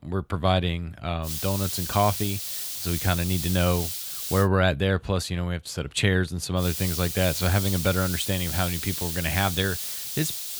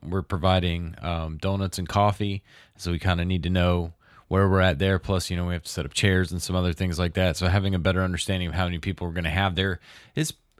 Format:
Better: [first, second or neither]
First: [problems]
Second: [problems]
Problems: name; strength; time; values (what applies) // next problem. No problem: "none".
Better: second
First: hiss; loud; from 1.5 to 4.5 s and from 6.5 s on; 4 dB below the speech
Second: none